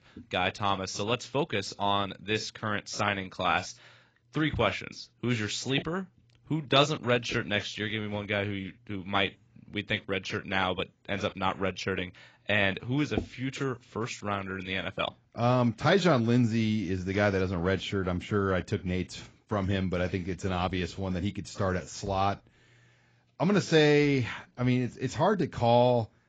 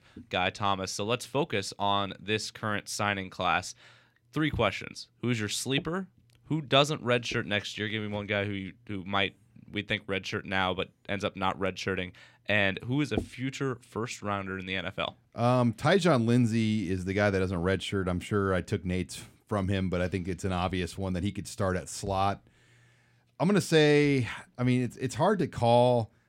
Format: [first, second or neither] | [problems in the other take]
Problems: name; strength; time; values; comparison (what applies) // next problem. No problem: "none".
second | garbled, watery; badly; nothing above 7.5 kHz